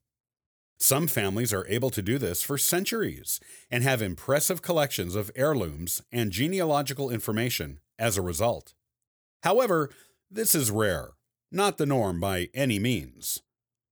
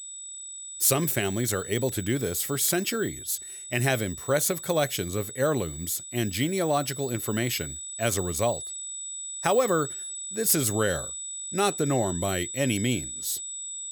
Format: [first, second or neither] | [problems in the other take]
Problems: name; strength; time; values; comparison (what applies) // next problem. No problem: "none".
first | high-pitched whine; loud; throughout; 8 kHz, 8 dB below the speech